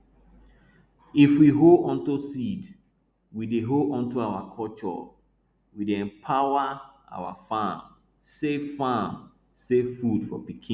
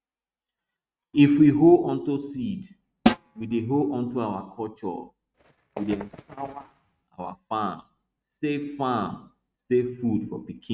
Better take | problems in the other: first | noise reduction (neural mask model RNNoise)

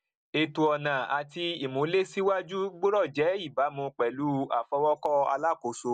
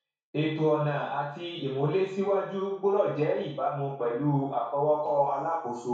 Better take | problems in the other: first | room echo; dies away in 0.6 s

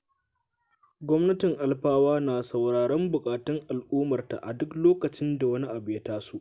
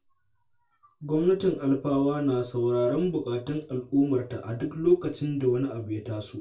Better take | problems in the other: first | room echo; dies away in 0.2 s

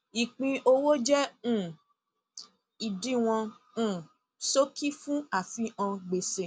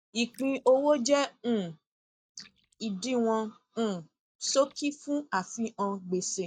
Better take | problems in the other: first | noise reduction (neural mask model DeepFilterNet 3)

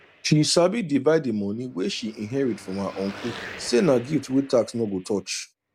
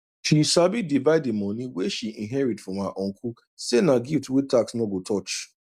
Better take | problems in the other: second | background sound (Car passing by / Traffic noise, roadway noise / Engine); 20 dB below the speech

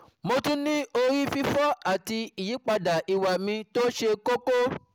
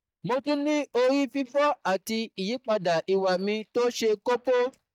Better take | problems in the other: first | noise reduction (neural mask model DeepFilterNet 3)

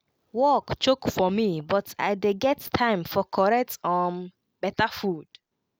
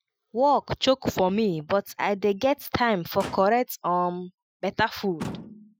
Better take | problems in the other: first | noise reduction (classical method Wiener filter)

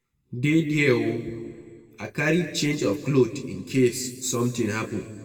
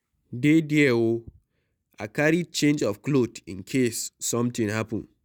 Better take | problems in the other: second | room echo; dies away in 1.6 s

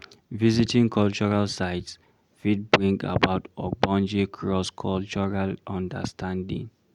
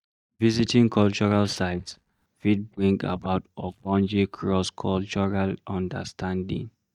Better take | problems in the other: first | noise reduction (neural mask model DeepFilterNet 3)

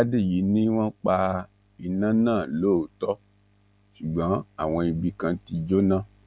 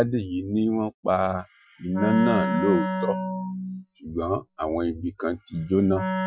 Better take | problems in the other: first | noise reduction (classical method Wiener filter)

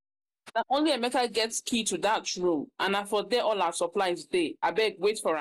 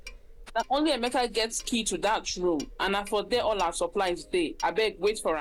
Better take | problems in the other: first | background sound (Clock); 17 dB below the speech

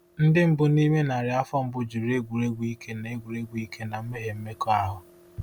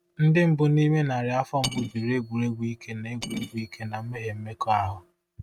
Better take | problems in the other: first | noise reduction (neural mask model RNNoise)

